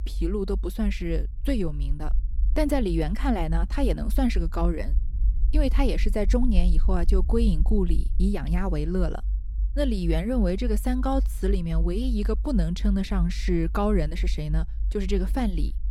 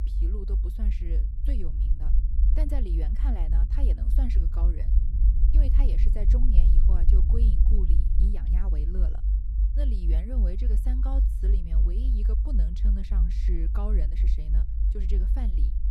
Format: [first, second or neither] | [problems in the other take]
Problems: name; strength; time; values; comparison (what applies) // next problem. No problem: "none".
first | low rumble; loud; throughout; 2 dB below the speech; faint in the first